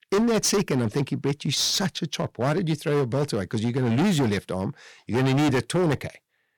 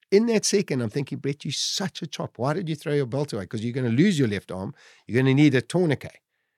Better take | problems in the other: second | distortion; heavy; 17% of the sound clipped

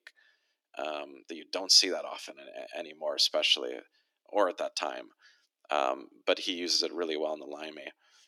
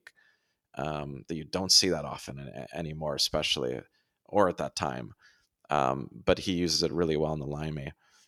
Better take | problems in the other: second | thin; somewhat; fading below 300 Hz

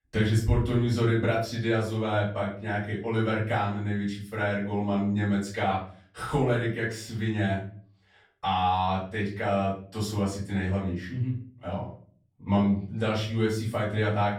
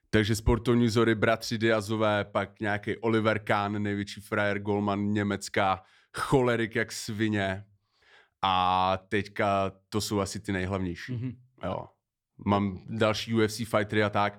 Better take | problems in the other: second | off-mic speech; far // room echo; noticeable; dies away in 0.5 s

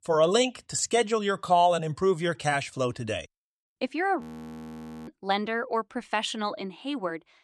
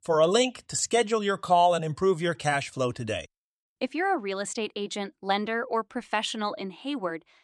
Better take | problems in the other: second | audio freezing; at 4 s for 1 s

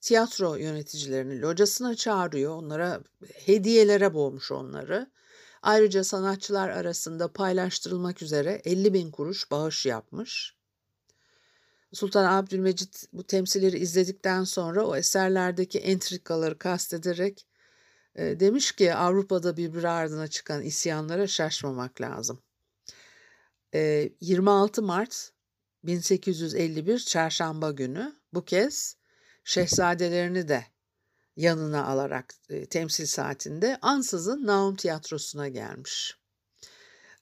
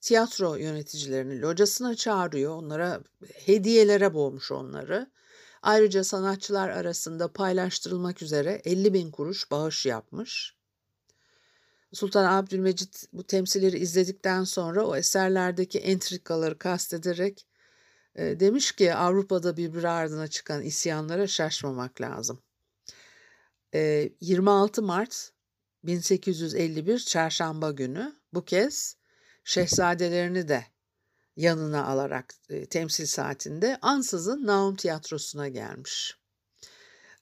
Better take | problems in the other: neither | none

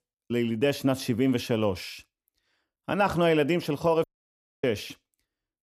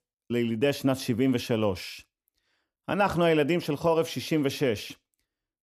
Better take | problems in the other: second | audio cutting out; at 4 s for 0.5 s

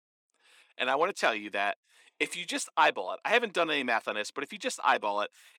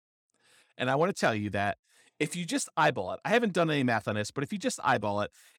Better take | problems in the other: second | thin; somewhat; fading below 300 Hz

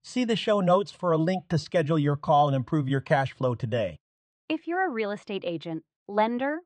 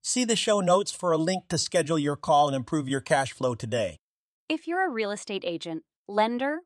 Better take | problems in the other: second | muffled; slightly; fading above 3 kHz

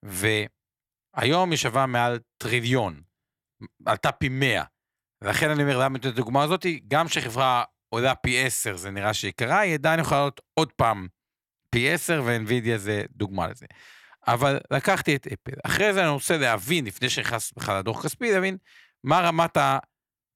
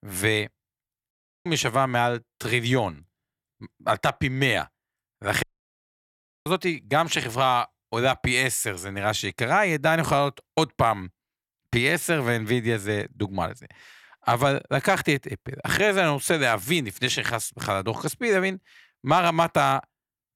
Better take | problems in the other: first | audio cutting out; at 1 s and at 5.5 s for 1 s

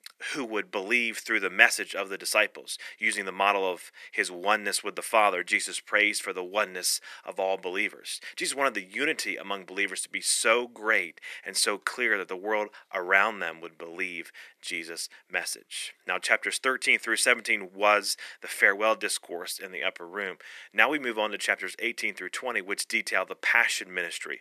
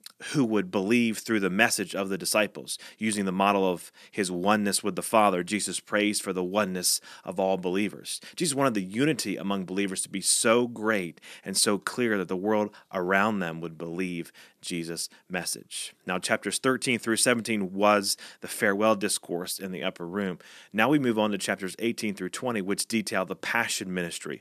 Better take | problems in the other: second | thin; very; fading below 500 Hz

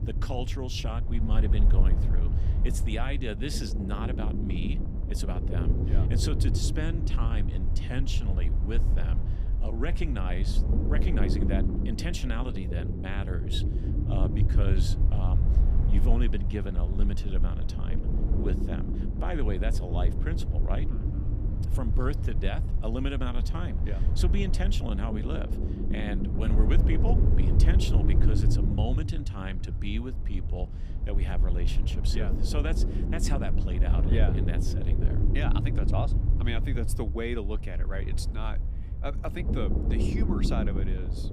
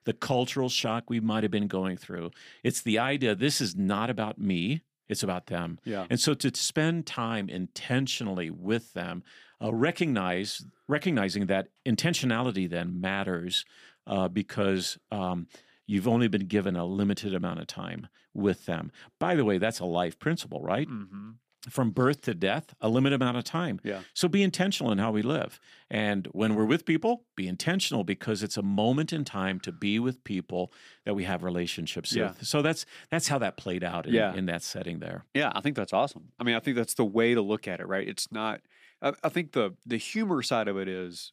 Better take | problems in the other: second | low rumble; loud; throughout; 3 dB below the speech

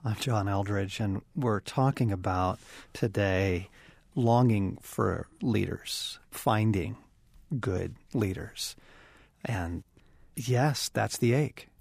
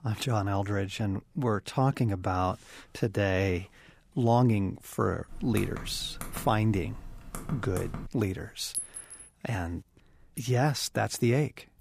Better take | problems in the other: first | keyboard typing; faint; from 5.5 to 8 s; peak 10 dB below the speech // clattering dishes; noticeable; at 8.5 s; peak 5 dB below the speech

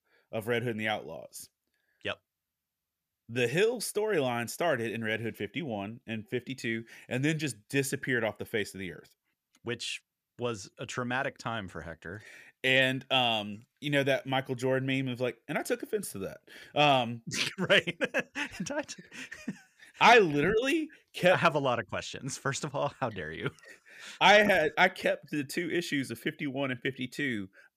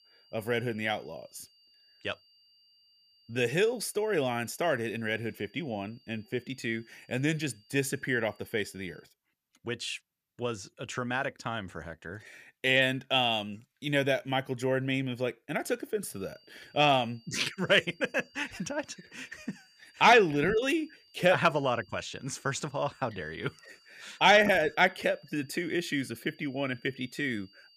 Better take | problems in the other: first | high-pitched whine; faint; until 9 s and from 16 s on; 4.5 kHz, 30 dB below the speech

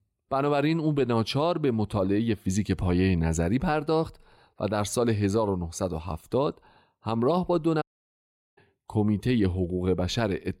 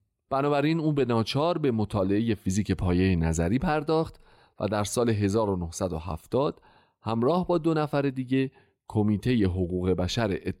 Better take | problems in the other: second | audio cutting out; at 8 s for 1 s

